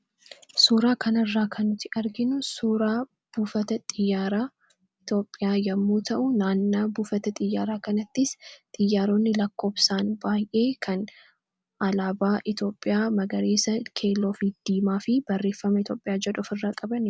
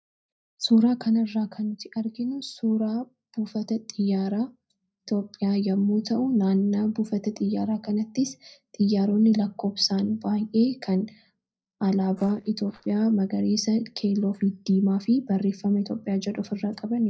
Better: first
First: none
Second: noise reduction (neural mask model DeepFilterNet 3)

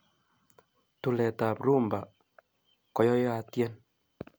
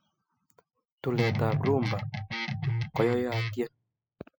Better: first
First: none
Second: noise reduction (classical method spectral subtraction)

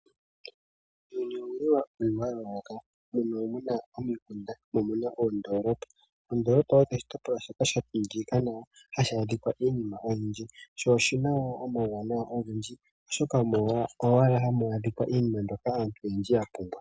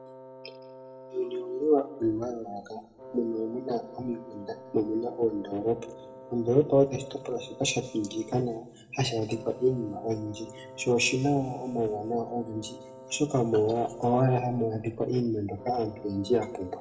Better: first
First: none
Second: background sound (Wind instrument, woodwind instrument); 18 dB below the speech // room echo; dies away in 1.2 s

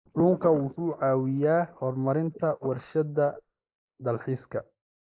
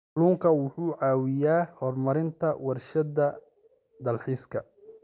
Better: second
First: noise reduction (neural mask model Resemble Enhance denoiser)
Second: none

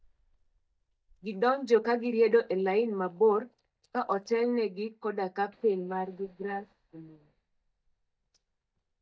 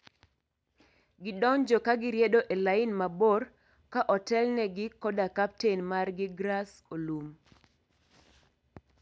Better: second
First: noise reduction (neural mask model DeepFilterNet 3)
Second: none

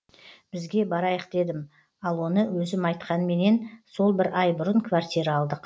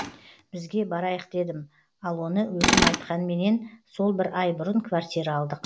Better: first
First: none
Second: background sound (Tools); 4 dB below the speech

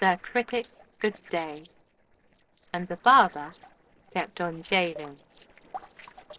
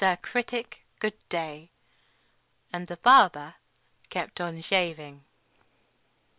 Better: second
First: noise reduction (neural separator model SepFormer DNS4)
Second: none

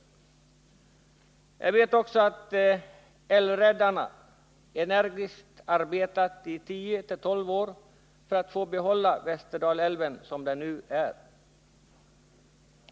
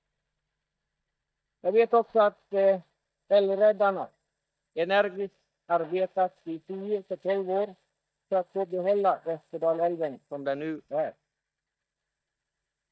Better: first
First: none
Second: noise reduction (neural mask model DeepFilterNet 3)

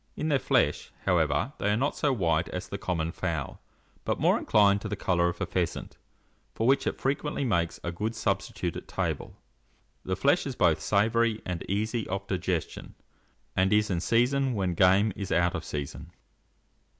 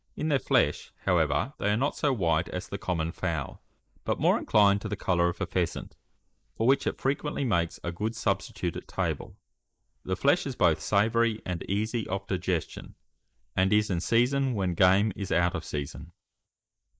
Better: first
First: none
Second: noise reduction (neural mask model Resemble Enhance denoiser)

